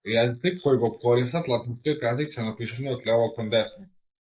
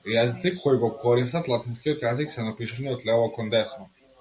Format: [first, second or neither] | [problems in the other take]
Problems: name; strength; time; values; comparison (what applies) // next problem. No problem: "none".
second | noise reduction (neural mask model Resemble Enhance denoiser)